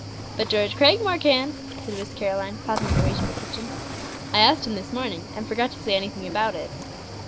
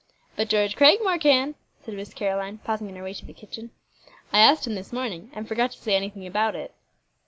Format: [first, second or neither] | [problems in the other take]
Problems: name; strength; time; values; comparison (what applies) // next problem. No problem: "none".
second | background sound (Cricket / Waves, surf); 6 dB below the speech